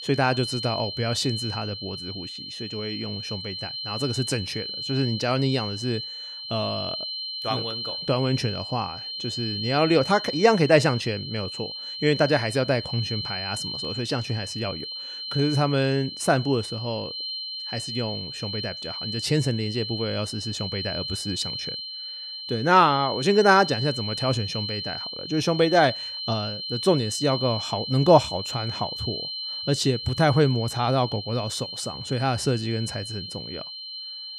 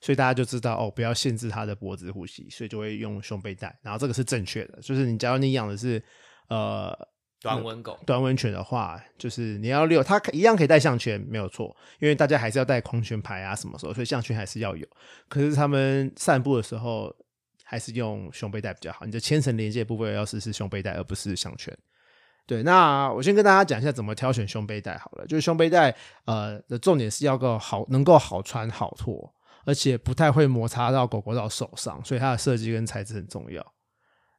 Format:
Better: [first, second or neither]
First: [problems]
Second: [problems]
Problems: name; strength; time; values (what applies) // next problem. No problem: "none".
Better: second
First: high-pitched whine; loud; throughout; 4 kHz, 6 dB below the speech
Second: none